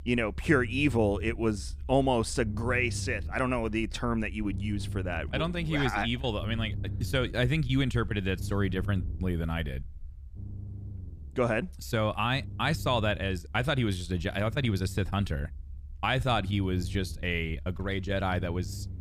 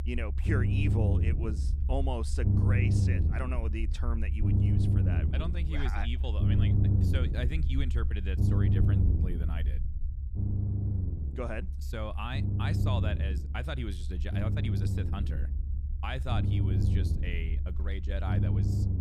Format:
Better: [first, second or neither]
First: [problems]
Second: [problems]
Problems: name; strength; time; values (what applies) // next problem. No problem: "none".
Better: first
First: low rumble; faint; throughout; 20 dB below the speech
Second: low rumble; loud; throughout; 2 dB below the speech